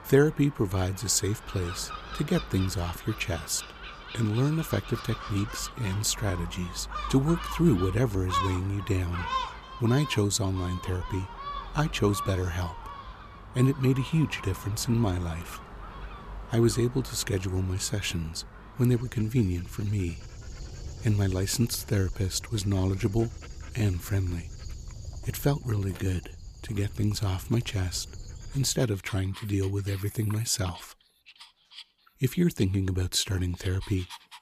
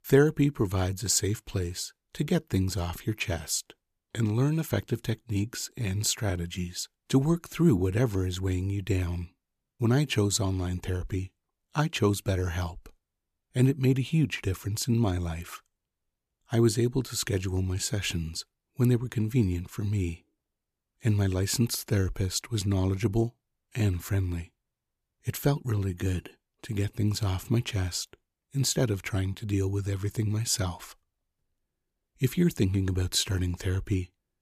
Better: second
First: animal sounds; noticeable; throughout; 10 dB below the speech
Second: none

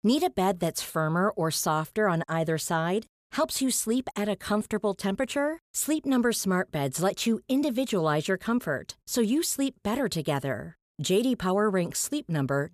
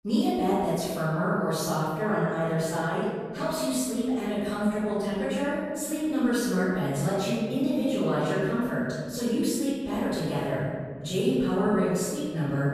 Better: first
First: none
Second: off-mic speech; far // room echo; strong; dies away in 1.9 s

